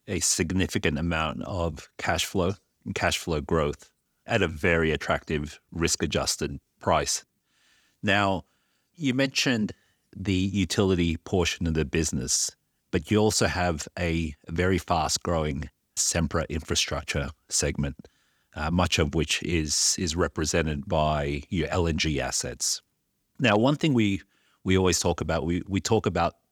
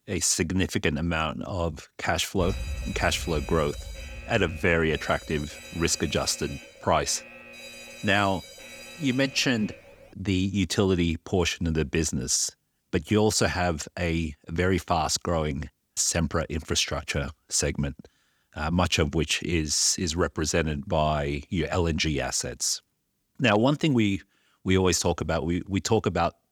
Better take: first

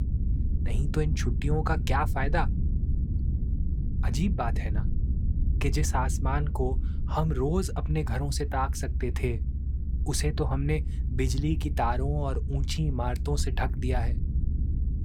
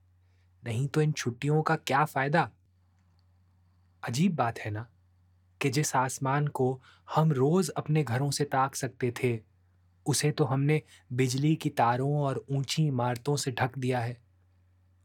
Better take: second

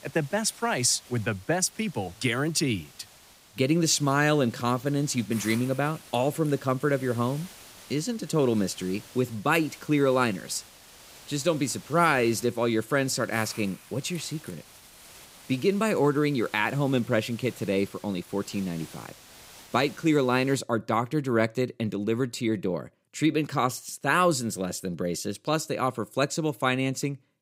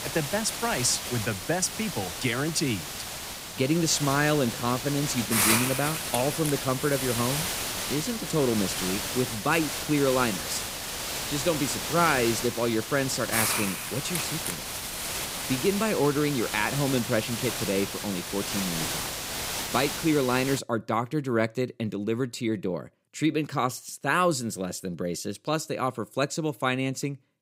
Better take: first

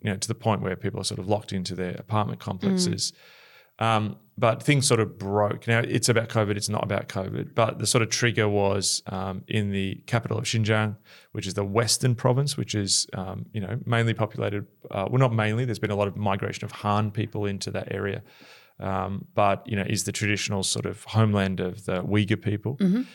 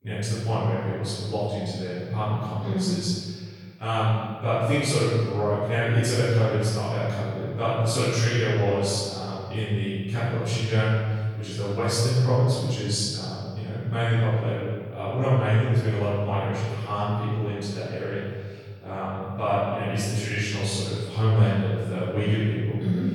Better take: first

